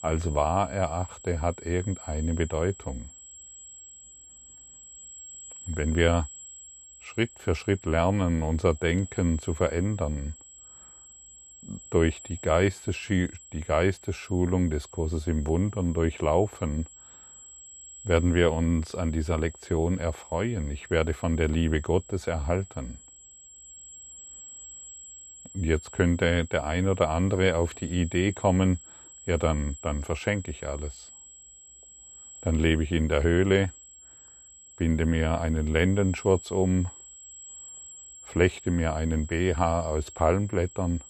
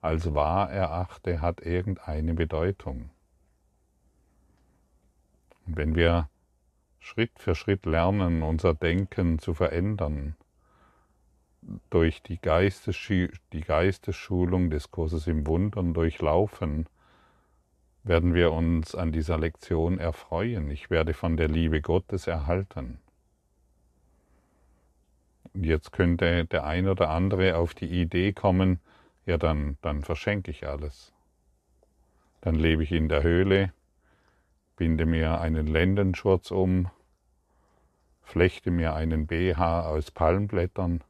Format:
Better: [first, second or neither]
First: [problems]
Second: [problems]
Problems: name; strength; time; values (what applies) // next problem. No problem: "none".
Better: second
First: high-pitched whine; noticeable; throughout; 7.5 kHz, 20 dB below the speech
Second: none